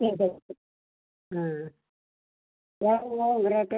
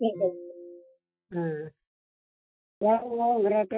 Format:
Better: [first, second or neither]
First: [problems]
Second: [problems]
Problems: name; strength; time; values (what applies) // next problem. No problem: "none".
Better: first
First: none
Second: noise reduction (classical method Wiener filter)